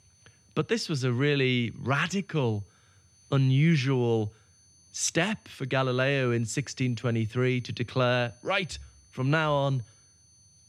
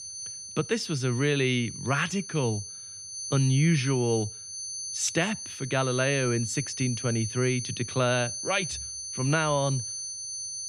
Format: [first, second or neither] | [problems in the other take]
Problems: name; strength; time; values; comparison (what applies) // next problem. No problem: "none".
first | high-pitched whine; loud; throughout; 6 kHz, 7 dB below the speech; faint in the first